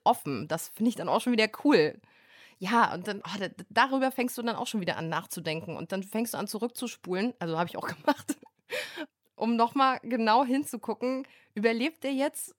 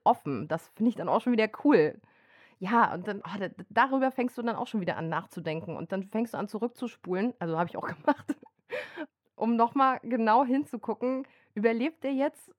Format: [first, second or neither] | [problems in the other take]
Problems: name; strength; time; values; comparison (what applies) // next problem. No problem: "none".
first | muffled; slightly; fading above 3 kHz